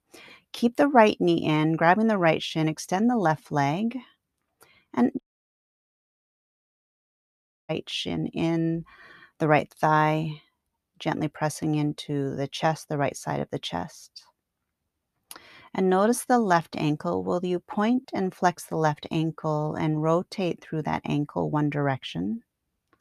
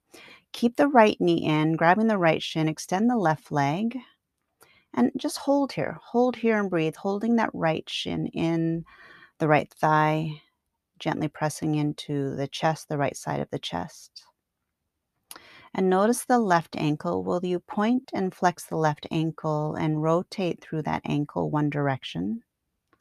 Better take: second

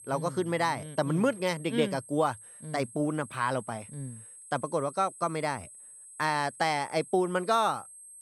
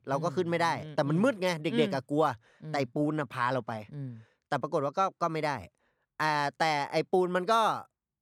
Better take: second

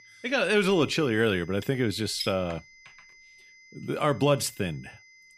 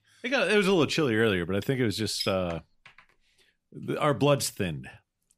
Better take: second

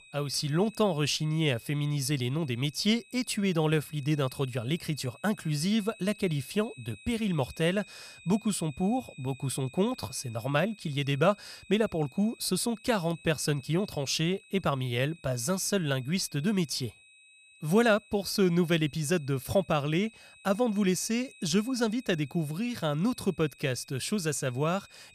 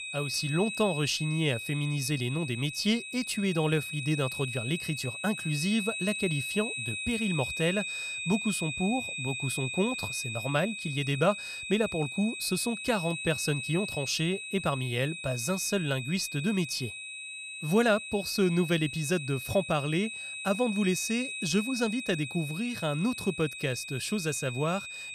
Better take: first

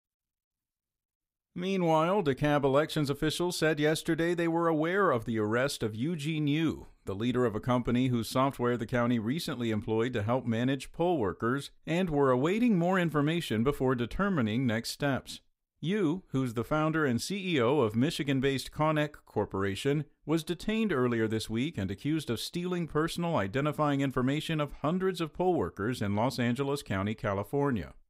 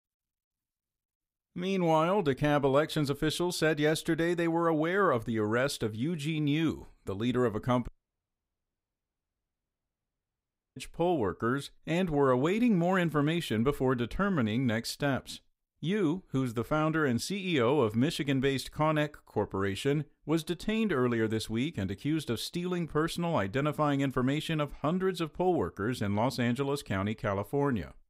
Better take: first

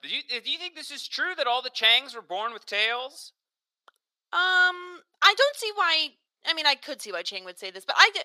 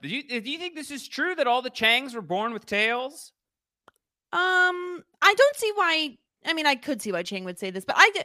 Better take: second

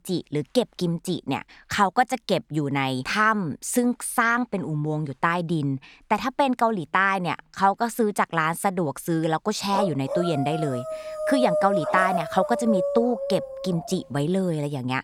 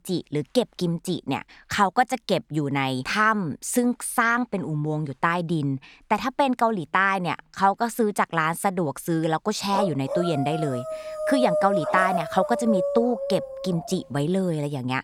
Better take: neither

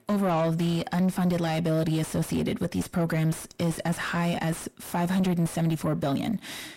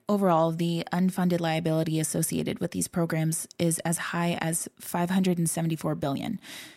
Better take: second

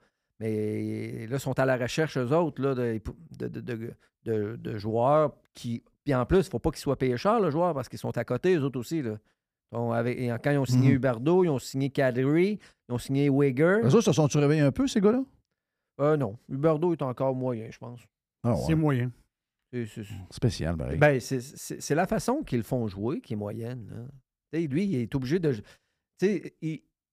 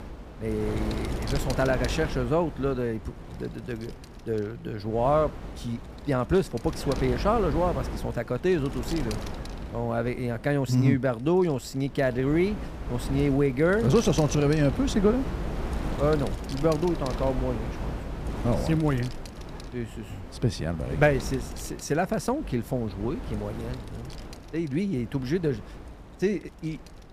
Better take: first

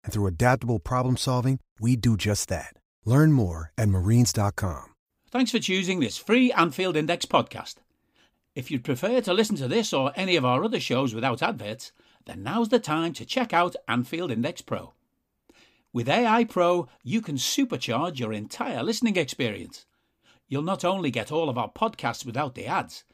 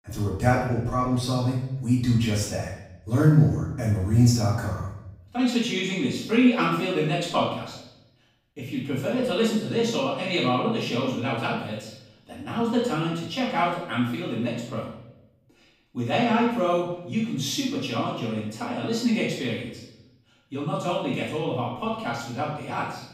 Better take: first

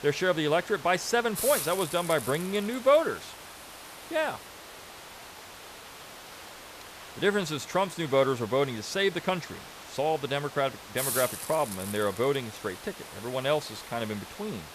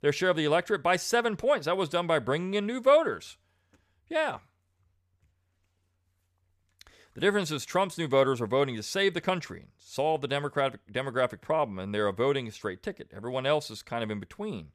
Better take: second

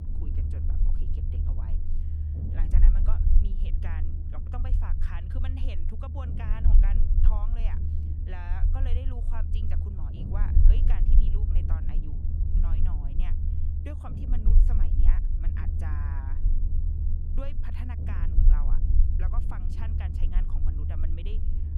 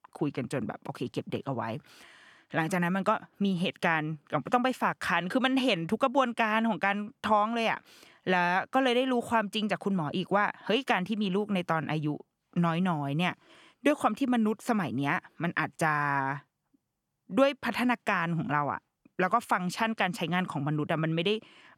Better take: second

